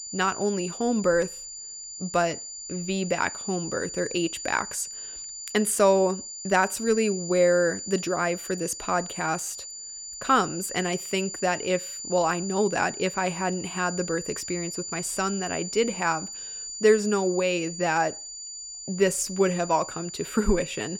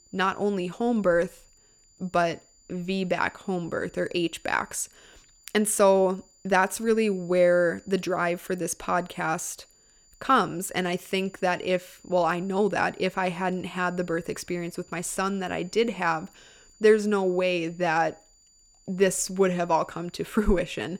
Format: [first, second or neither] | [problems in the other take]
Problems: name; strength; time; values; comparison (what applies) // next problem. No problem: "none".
second | high-pitched whine; loud; throughout; 7 kHz, 9 dB below the speech; faint in the second